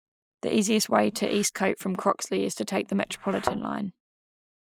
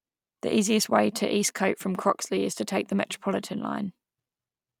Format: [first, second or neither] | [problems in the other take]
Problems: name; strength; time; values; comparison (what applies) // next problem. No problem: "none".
second | noise reduction (neural mask model Resemble Enhance denoiser)